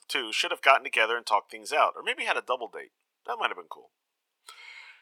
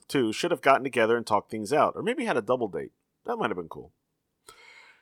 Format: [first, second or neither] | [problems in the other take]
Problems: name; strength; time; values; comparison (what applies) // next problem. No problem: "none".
second | thin; very; fading below 850 Hz